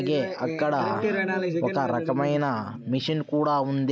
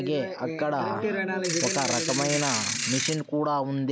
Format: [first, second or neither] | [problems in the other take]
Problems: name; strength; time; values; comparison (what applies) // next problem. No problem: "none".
first | background sound (Ratchet, pawl / Percussion); 2 dB below the speech